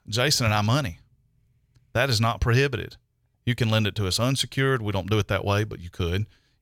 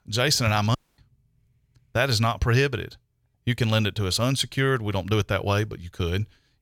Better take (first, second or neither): first